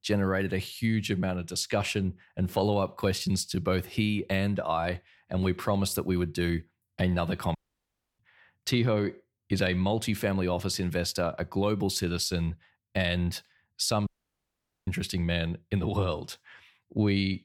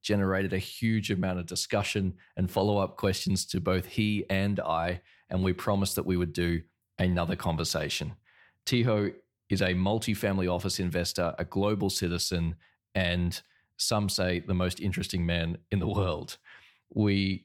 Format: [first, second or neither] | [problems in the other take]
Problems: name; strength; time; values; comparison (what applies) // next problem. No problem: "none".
second | audio cutting out; at 7.5 s for 0.5 s and at 14 s for 1 s